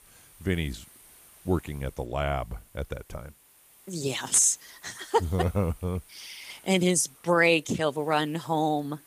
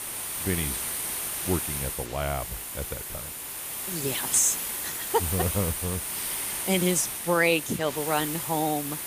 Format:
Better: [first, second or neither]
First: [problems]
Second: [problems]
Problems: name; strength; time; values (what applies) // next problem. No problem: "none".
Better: first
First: hiss; faint; throughout; 25 dB below the speech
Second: hiss; loud; throughout; 2 dB below the speech